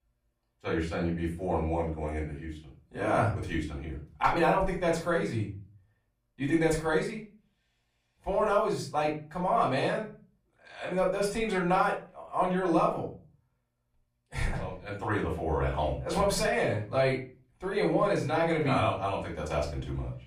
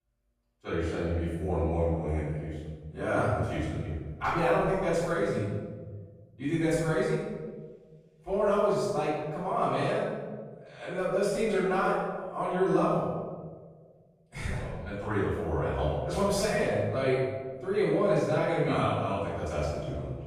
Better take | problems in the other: first | room echo; strong; dies away in 1.6 s; slight in the first // off-mic speech; far; far in the first

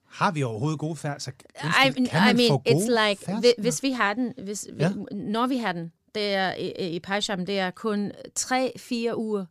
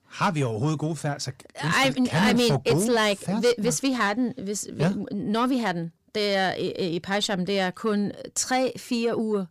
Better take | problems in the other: first | distortion; slight; 10 dB below the speech

